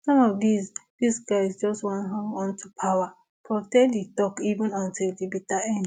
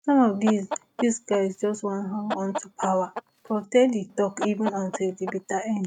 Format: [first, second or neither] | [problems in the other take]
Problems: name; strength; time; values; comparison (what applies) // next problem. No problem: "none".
first | noise reduction (neural mask model RNNoise)